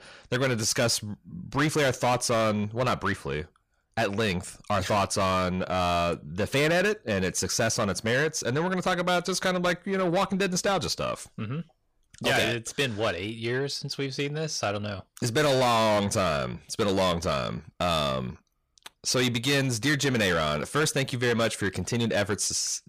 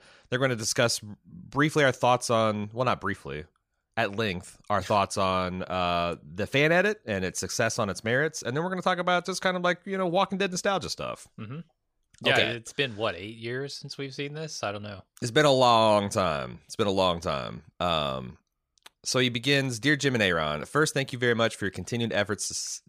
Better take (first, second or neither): second